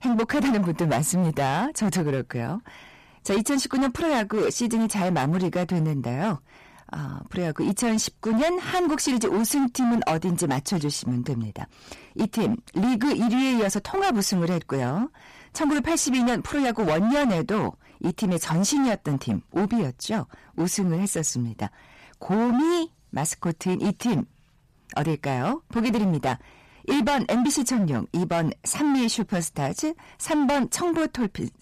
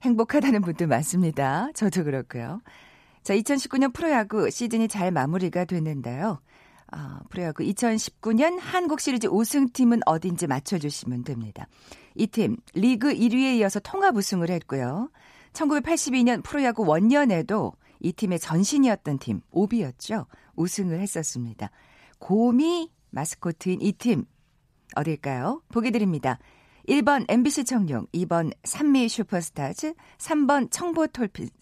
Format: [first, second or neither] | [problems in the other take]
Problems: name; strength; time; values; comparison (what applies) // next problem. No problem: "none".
second | distortion; heavy; 19% of the sound clipped